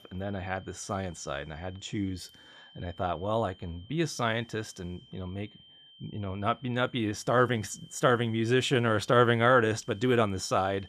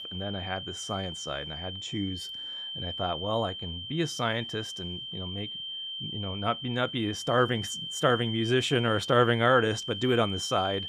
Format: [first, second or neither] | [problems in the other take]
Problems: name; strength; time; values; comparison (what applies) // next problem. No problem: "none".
first | high-pitched whine; loud; throughout; 3 kHz, 7 dB below the speech; faint in the first